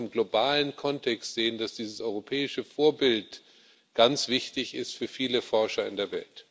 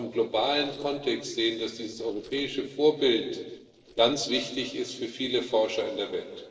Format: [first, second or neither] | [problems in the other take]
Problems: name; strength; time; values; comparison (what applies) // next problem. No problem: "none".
first | noise reduction (neural separator model SepFormer DNS4)